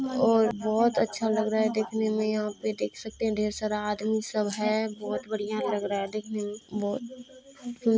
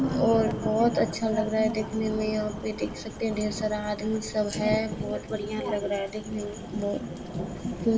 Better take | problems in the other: first | background sound (Thunder / Rain); 8 dB below the speech // room echo; dies away in 1.9 s

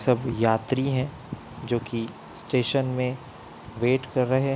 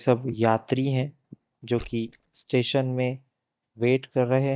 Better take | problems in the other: first | noise reduction (neural mask model DeepFilterNet 3)

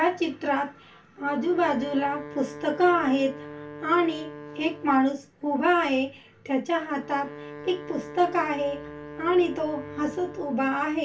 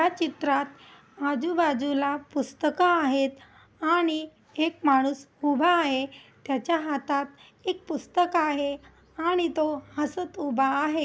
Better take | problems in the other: second | background sound (Wind instrument, woodwind instrument); 15 dB below the speech // room echo; dies away in 0.2 s

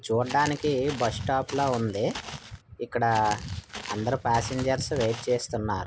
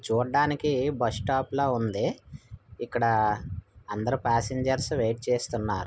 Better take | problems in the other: second | background sound (Walk, footsteps); 13 dB below the speech

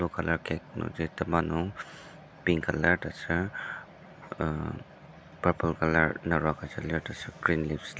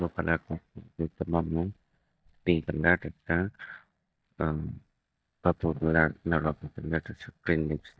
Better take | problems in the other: first | noise reduction (neural mask model DeepFilterNet 3)

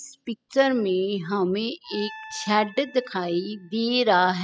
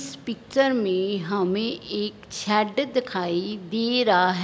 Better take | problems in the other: second | noise reduction (classical method spectral subtraction)

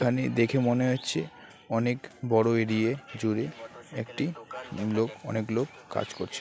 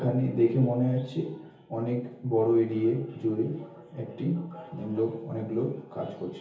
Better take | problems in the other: first | room echo; dies away in 0.7 s

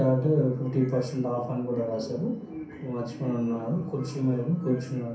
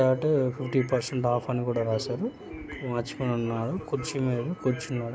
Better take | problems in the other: second | room echo; dies away in 0.6 s

